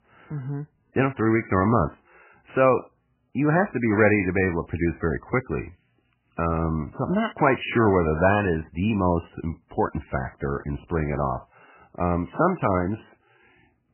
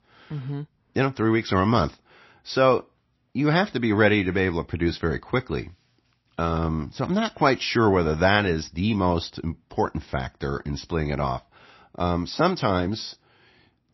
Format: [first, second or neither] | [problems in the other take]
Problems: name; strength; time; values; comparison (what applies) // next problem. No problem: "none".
second | garbled, watery; badly; nothing above 3 kHz; slightly in the second